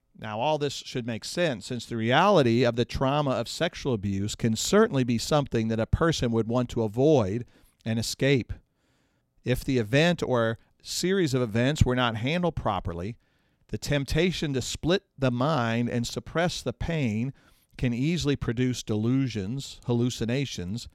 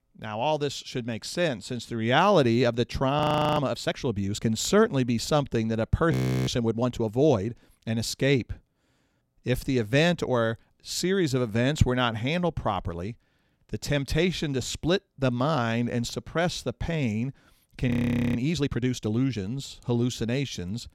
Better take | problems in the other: first | audio freezing; at 3 s, at 6 s and at 18 s

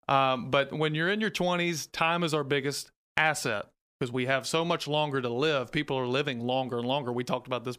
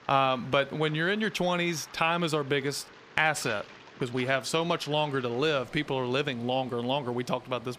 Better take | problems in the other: first | rain or running water; faint; throughout; 20 dB below the speech

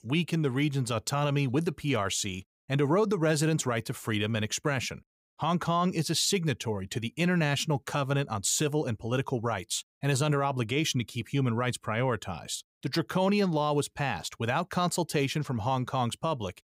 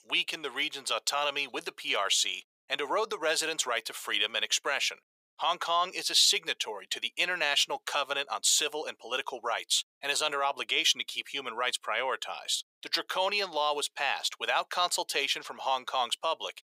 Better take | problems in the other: first | thin; very; fading below 550 Hz

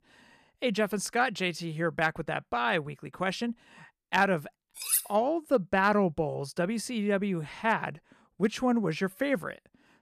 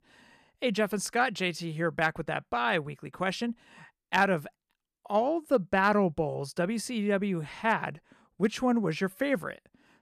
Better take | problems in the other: second | clattering dishes; loud; at 5 s; peak 2 dB above the speech

